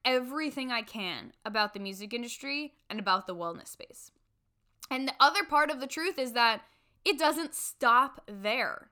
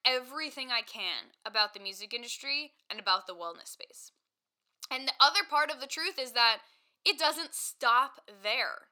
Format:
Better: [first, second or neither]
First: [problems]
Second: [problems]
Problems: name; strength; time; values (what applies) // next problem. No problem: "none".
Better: first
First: none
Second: thin; somewhat; fading below 500 Hz